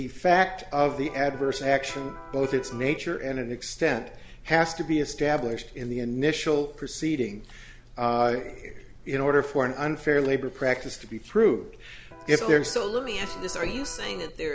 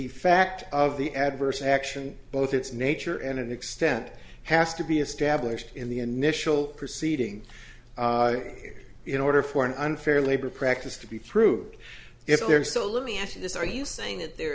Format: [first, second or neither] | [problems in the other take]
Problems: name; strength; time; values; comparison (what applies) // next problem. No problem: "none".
second | background sound (Electric guitar); 17 dB below the speech